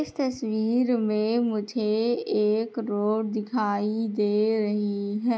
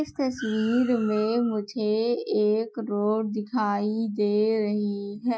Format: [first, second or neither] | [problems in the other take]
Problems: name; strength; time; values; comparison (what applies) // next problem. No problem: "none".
first | noise reduction (classical method Wiener filter)